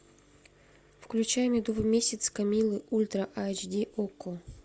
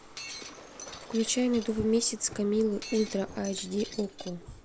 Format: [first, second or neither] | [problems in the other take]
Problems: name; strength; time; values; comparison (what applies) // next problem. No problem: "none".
first | background sound (Waves, surf + Shatter); 14 dB below the speech